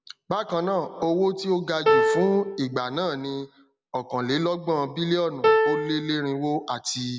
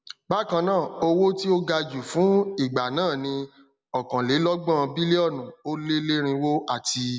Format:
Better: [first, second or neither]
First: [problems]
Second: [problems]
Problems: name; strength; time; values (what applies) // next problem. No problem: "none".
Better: second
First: background sound (Piano); 2 dB above the speech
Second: none